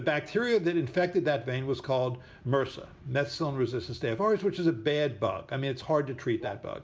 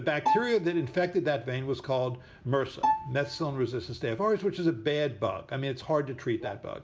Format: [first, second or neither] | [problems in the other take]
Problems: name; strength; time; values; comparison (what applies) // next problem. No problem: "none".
first | background sound (Bowed string instrument); 4 dB below the speech